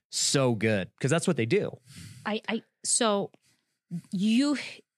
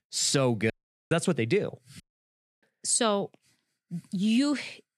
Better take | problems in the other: first | audio cutting out; at 0.5 s and at 2 s for 0.5 s

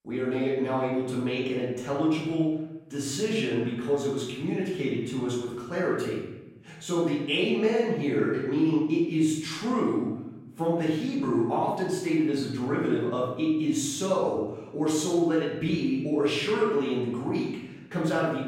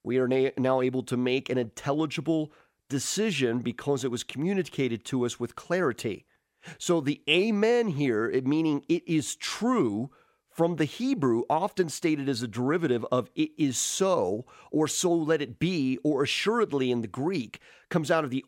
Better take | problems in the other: second | room echo; noticeable; dies away in 0.8 s // off-mic speech; far

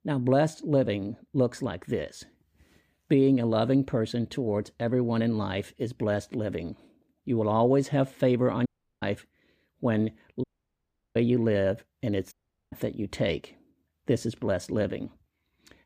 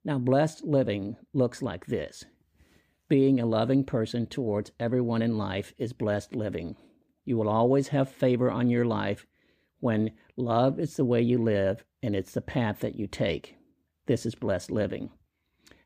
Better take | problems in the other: second | audio cutting out; at 8.5 s, at 10 s for 0.5 s and at 12 s

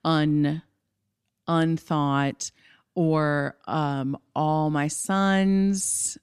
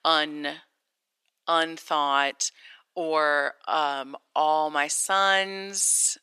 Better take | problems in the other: first | thin; very; fading below 550 Hz

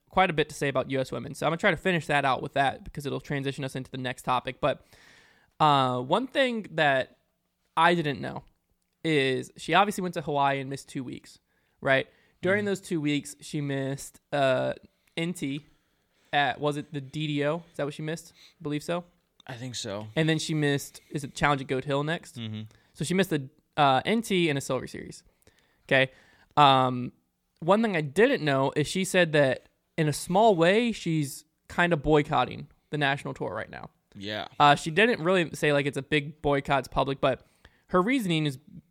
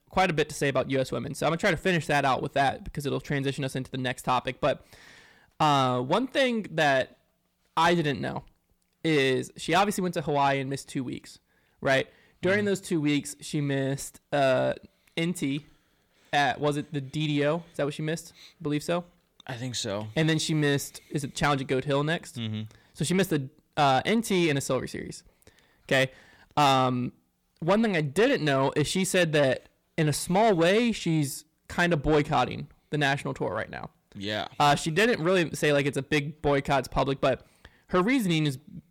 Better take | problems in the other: first | distortion; slight; 10 dB below the speech

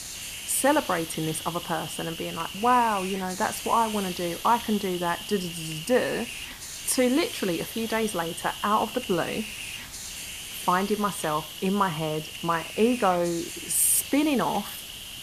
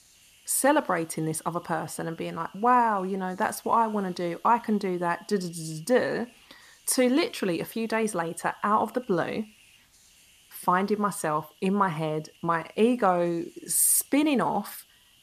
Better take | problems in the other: second | hiss; loud; throughout; 9 dB below the speech; faint in the second

